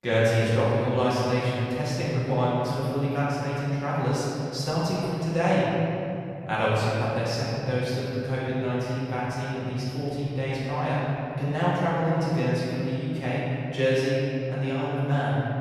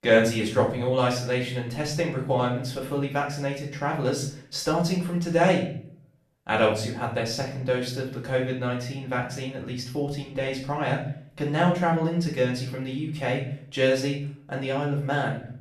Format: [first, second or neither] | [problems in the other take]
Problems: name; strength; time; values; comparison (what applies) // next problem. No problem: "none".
second | room echo; strong; dies away in 3 s; slight in the second // off-mic speech; far; far in the second